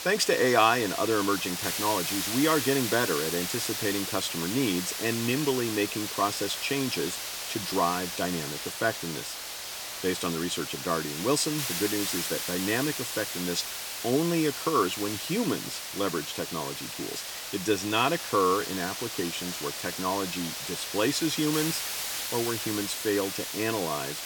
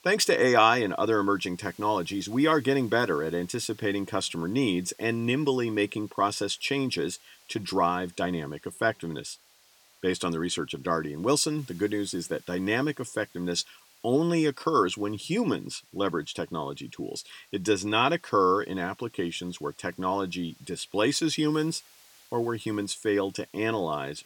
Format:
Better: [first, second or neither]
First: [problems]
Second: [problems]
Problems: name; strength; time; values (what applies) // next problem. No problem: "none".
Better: second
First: hiss; loud; throughout; 3 dB below the speech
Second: hiss; faint; throughout; 25 dB below the speech